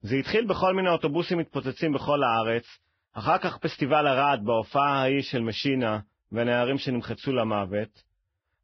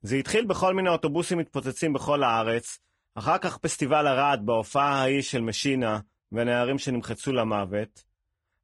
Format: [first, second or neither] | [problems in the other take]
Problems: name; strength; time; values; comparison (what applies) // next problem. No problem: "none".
second | garbled, watery; badly; nothing above 5.5 kHz; slightly in the second